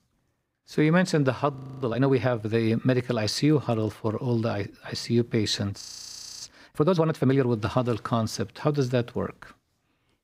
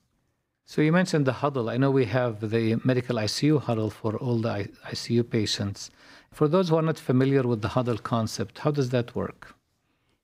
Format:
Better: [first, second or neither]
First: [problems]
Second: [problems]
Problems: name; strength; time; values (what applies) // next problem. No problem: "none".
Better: second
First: audio freezing; at 1.5 s and at 6 s for 0.5 s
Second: none